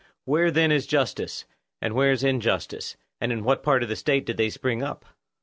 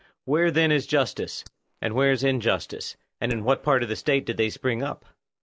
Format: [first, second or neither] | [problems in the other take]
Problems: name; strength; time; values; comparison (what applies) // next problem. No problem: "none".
first | noise reduction (neural mask model Resemble Enhance denoiser)